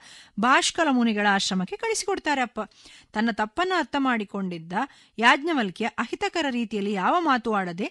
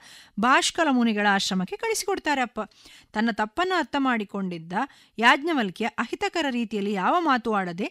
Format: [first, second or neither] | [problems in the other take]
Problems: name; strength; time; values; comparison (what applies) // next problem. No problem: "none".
second | garbled, watery; slightly